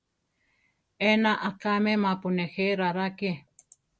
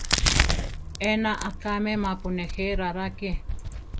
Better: first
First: none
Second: background sound (Crack); 1 dB above the speech

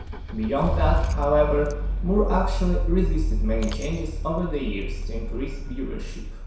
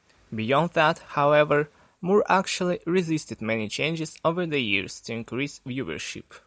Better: second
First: background sound (Rattle / Engine starting / Car); 1 dB above the speech // room echo; dies away in 0.7 s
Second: none

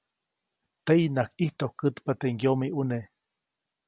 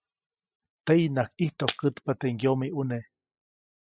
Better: first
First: none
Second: noise reduction (classical method spectral subtraction)

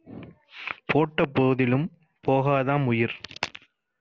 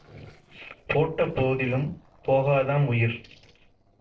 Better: first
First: none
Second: noise reduction (neural separator model SepFormer DNS4)

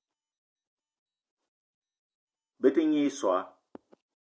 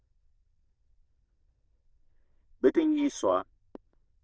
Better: first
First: none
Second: noise reduction (neural diffusion model UNIVERSE++)

